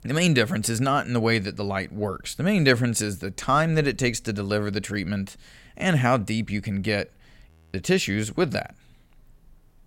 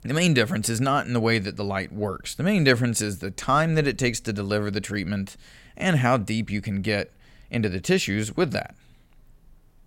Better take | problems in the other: second | audio freezing; at 7.5 s

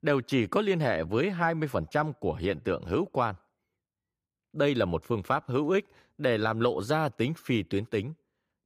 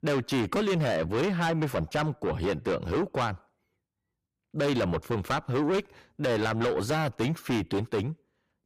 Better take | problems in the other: first | distortion; heavy; 6 dB below the speech

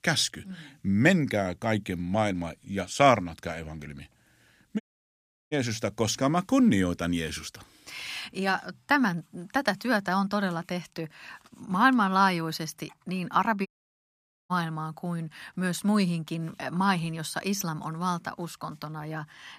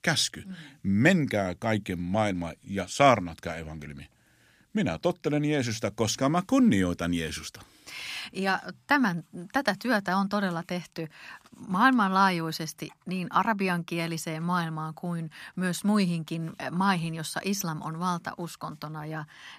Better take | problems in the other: second | audio cutting out; at 5 s for 0.5 s and at 14 s for 1 s

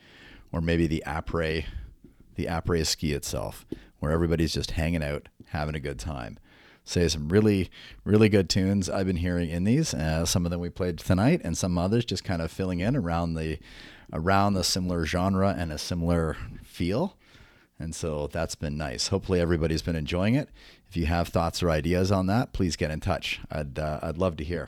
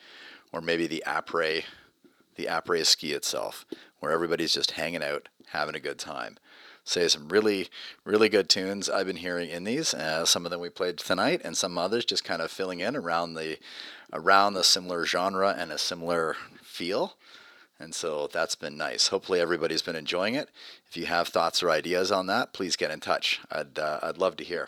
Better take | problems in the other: first | thin; somewhat; fading below 450 Hz

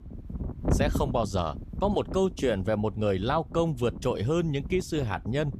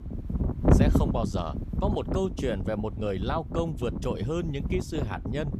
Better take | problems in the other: first | wind noise on the microphone; heavy; 4 dB below the speech; occasional gusts in the first

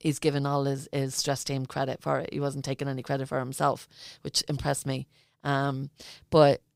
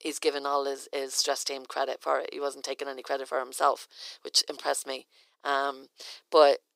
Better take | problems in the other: first | thin; very; fading below 350 Hz

